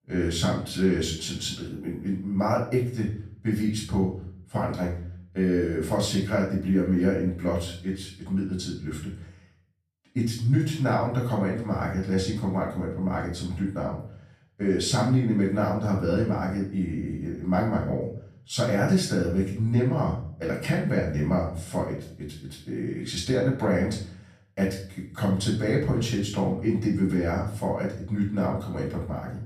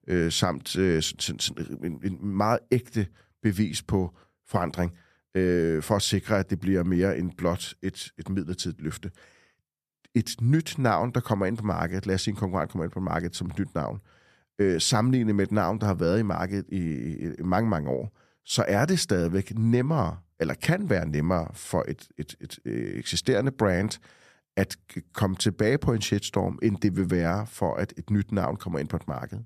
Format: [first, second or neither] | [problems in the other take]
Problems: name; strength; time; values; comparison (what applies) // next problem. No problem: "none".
second | off-mic speech; far // room echo; noticeable; dies away in 0.5 s